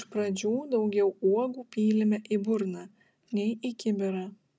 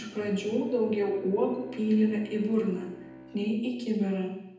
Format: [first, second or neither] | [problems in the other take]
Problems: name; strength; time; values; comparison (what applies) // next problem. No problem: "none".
first | background sound (Bowed string instrument); 18 dB below the speech // room echo; dies away in 0.9 s